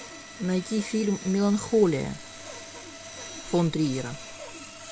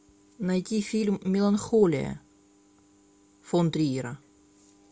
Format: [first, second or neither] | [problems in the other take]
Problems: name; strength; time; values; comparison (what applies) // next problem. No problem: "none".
second | background sound (Sawing); 13 dB below the speech